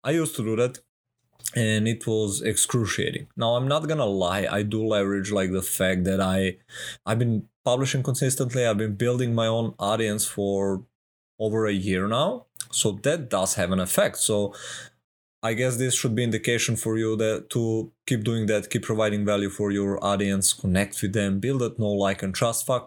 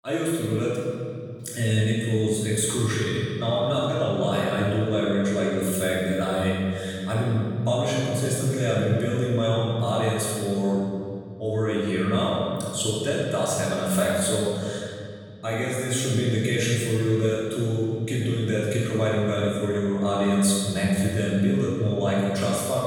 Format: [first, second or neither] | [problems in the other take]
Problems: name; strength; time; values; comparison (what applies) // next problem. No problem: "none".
first | off-mic speech; far // room echo; strong; dies away in 2.2 s